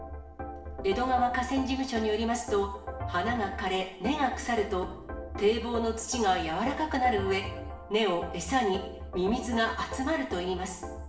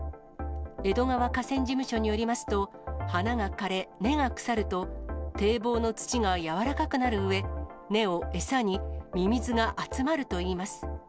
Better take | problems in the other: second | room echo; dies away in 0.7 s

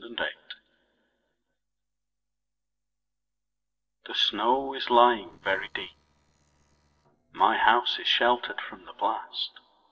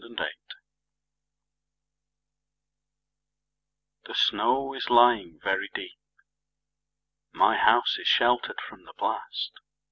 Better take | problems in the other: second | noise reduction (neural separator model SepFormer DNS4)

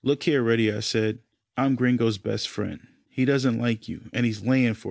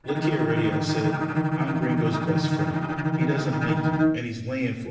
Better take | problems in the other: first | background sound (Bowed string instrument); 4 dB above the speech // room echo; dies away in 1.2 s

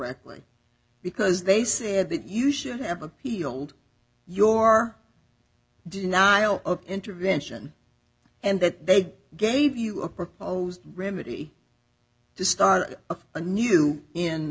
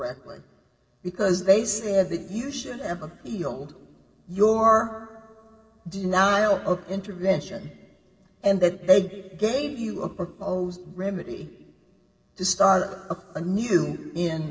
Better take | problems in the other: first | room echo; dies away in 2.4 s

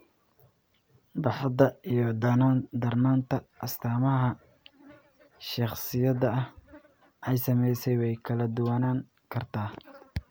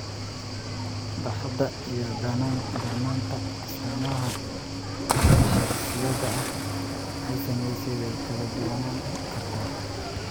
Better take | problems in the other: first | background sound (Cricket / Waves, surf); 4 dB above the speech

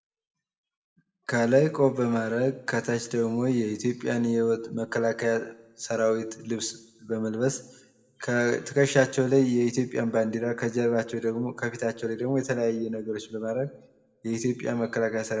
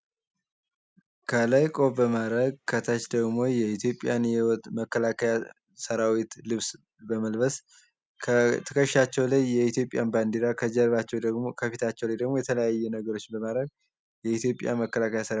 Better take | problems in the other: second | room echo; dies away in 0.6 s

